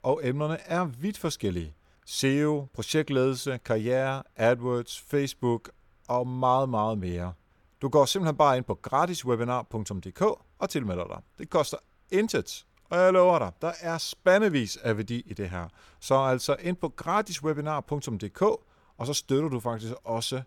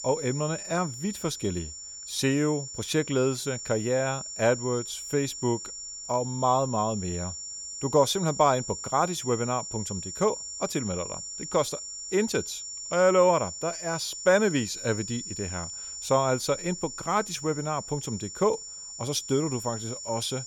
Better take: first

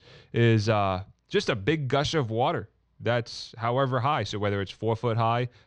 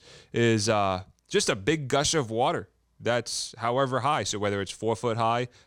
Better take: second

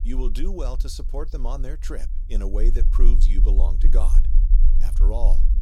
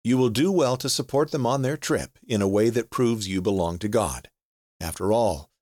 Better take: second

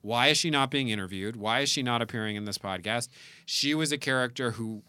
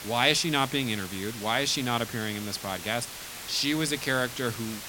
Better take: first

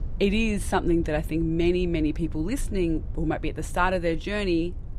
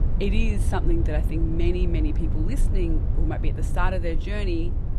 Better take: first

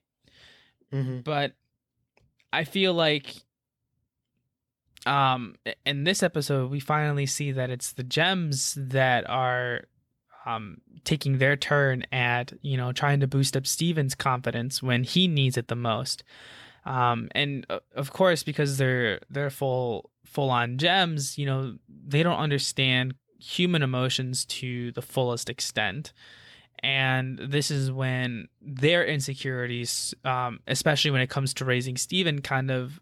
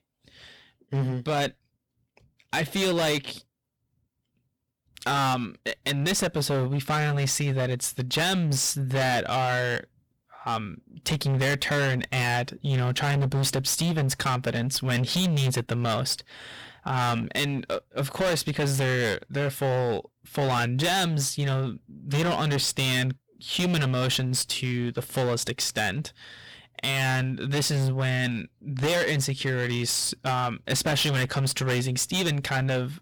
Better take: first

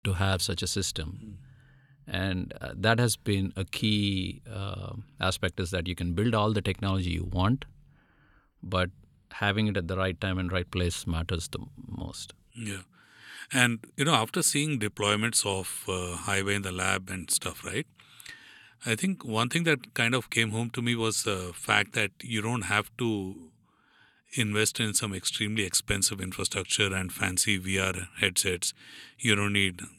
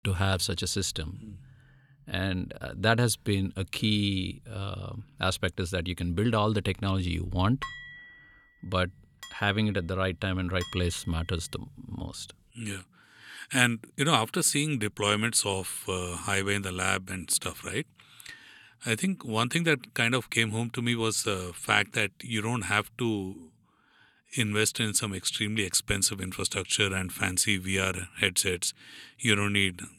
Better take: first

